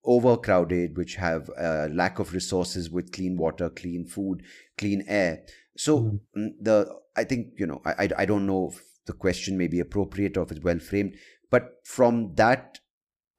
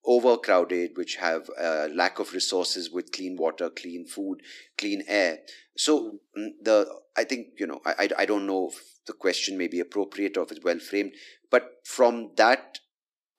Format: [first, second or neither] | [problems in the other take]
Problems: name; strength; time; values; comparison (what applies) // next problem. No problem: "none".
first | thin; somewhat; fading below 300 Hz